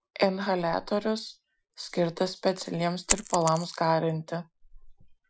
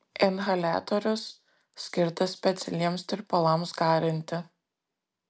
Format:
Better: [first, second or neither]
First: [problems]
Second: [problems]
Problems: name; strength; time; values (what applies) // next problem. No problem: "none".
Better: second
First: noise reduction (classical method Wiener filter)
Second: none